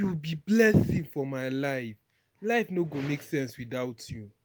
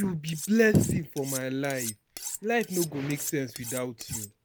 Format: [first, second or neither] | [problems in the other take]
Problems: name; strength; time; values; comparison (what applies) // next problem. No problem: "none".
first | background sound (Cutlery, silverware); 11 dB below the speech